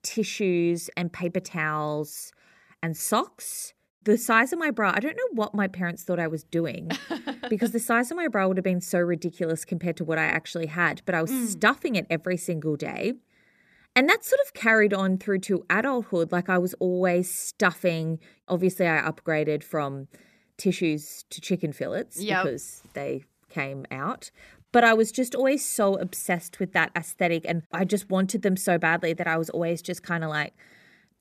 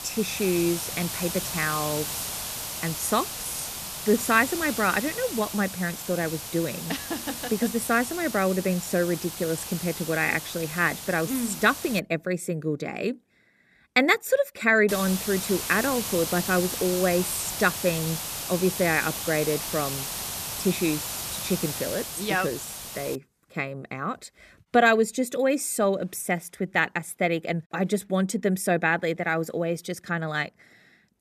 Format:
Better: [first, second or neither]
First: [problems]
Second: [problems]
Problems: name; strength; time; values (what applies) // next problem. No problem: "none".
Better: first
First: none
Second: hiss; loud; until 12 s and from 15 to 23 s; 6 dB below the speech